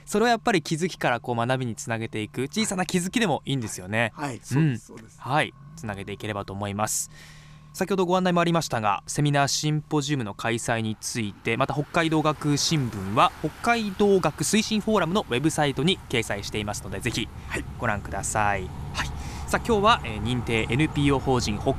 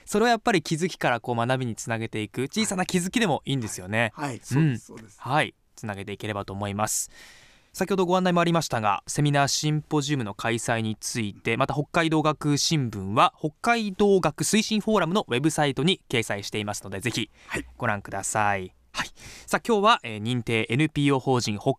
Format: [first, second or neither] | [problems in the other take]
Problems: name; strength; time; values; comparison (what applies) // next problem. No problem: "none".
second | traffic noise; noticeable; throughout; 15 dB below the speech